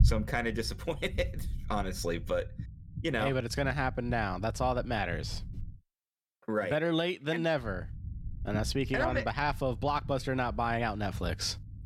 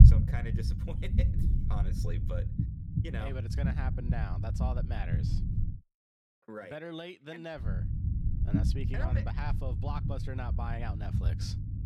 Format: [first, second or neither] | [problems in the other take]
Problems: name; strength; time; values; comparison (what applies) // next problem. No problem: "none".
first | low rumble; loud; until 5.5 s and from 7.5 s on; 3 dB below the speech; faint in the first